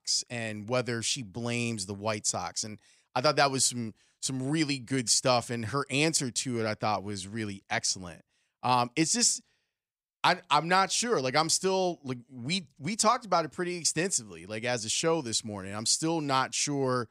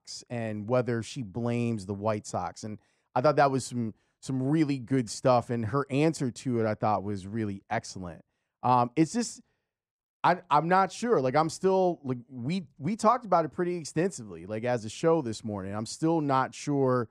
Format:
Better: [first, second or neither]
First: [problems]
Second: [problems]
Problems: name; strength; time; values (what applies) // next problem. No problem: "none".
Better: first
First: none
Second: muffled; very; fading above 2 kHz